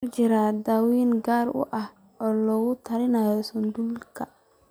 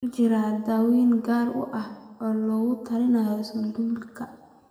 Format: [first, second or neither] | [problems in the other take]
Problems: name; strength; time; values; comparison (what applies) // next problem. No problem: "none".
first | room echo; dies away in 1 s